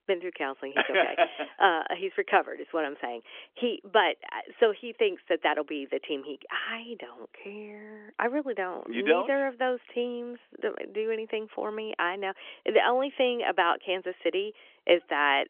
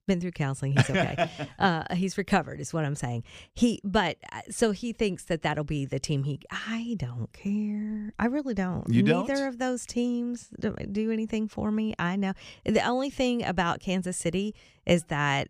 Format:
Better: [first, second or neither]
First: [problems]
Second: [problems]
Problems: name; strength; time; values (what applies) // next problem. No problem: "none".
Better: second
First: phone-call audio; nothing above 3.5 kHz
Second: none